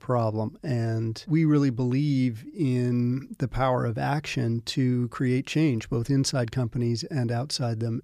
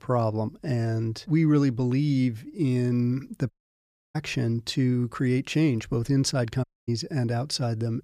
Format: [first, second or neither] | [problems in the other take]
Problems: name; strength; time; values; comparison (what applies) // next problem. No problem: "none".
first | audio cutting out; at 3.5 s for 0.5 s and at 6.5 s